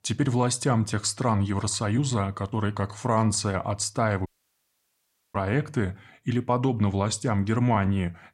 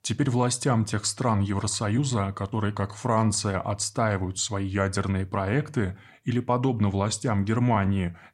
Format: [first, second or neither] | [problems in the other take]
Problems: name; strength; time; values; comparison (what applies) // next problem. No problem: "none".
second | audio cutting out; at 4.5 s for 1 s